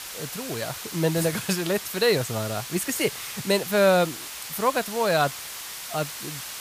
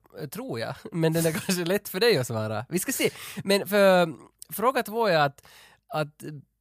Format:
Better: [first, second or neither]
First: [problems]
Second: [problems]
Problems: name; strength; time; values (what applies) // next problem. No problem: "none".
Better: second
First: hiss; loud; throughout; 9 dB below the speech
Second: none